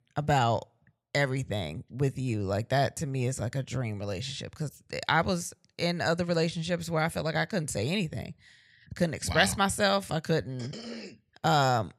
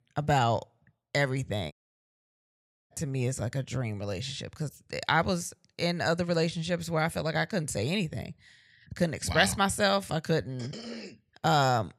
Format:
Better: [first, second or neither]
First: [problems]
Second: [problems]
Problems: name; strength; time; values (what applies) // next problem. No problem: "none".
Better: first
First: none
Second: audio cutting out; at 1.5 s for 1 s